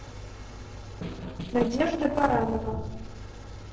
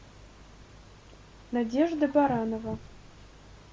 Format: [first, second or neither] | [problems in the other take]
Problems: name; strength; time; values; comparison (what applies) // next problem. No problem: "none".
second | noise reduction (neural separator model SepFormer DNS4)